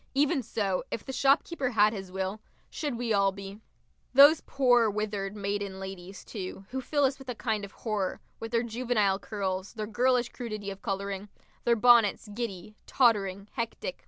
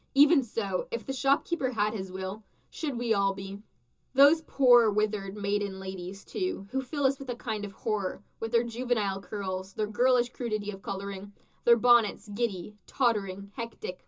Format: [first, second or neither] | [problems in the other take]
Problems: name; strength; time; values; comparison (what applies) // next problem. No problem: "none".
first | room echo; dies away in 0.2 s